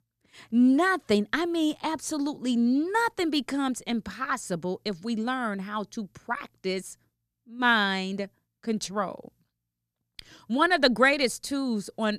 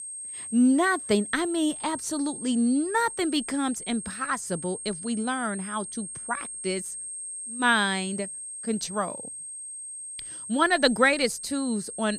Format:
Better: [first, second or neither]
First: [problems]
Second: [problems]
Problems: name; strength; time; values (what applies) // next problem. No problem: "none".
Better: first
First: none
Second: high-pitched whine; loud; throughout; 8.5 kHz, 9 dB below the speech